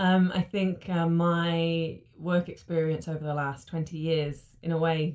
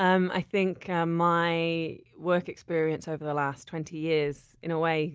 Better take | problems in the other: second | room echo; dies away in 0.2 s

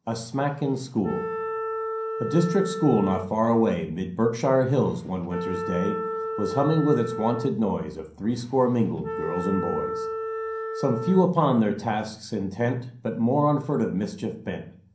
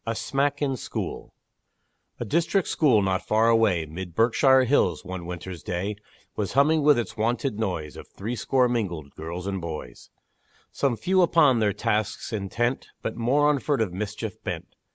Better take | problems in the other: second | background sound (Wind instrument, woodwind instrument); 7 dB below the speech // room echo; dies away in 0.6 s

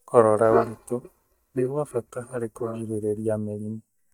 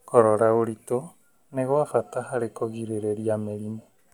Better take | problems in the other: second | noise reduction (neural mask model DeepFilterNet 3)

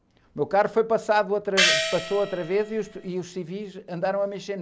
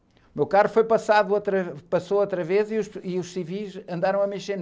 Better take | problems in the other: second | background sound (Gong); as loud as the speech

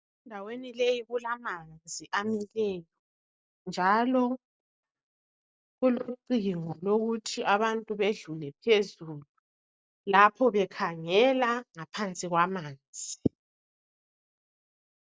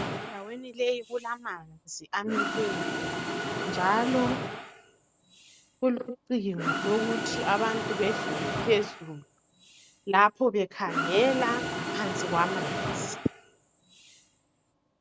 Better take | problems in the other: first | background sound (Mechanisms); 4 dB below the speech

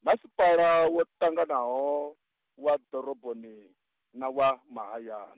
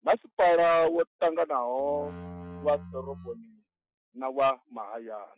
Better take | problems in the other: first | noise reduction (classical method Wiener filter)

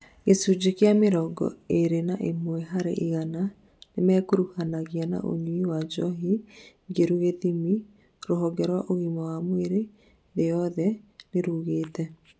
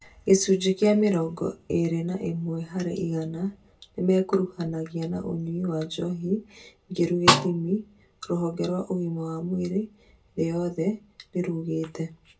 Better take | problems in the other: first | background sound (Snare drum); 3 dB above the speech // room echo; dies away in 0.2 s

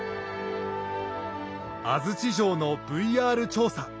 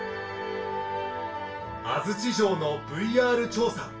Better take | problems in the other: first | room echo; dies away in 0.3 s

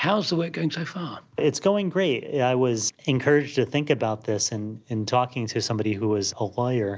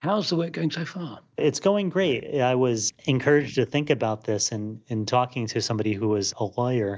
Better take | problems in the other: first | noise reduction (neural mask model DeepFilterNet 3)

